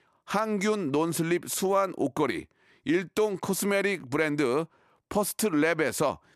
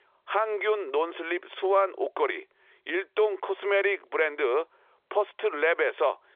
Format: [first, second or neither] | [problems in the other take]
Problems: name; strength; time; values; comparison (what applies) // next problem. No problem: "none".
first | phone-call audio; nothing above 3.5 kHz